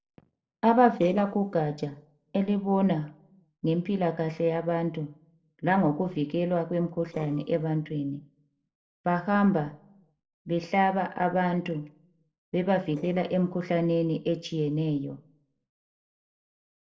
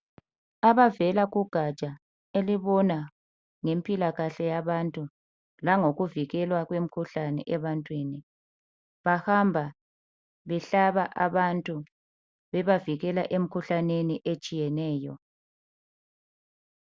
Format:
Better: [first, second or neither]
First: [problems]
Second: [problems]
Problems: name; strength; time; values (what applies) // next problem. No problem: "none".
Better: second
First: noise reduction (neural separator model SepFormer DNS4)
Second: none